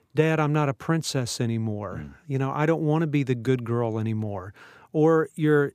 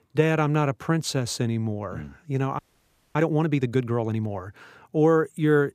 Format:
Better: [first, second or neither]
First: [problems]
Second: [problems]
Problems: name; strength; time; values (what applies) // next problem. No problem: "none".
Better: first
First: none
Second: audio freezing; at 2.5 s for 0.5 s